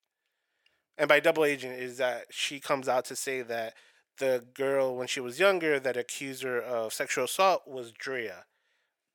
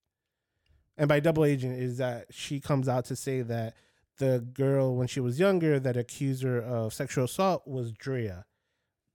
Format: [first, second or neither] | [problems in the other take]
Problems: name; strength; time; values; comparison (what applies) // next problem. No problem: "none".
second | thin; very; fading below 550 Hz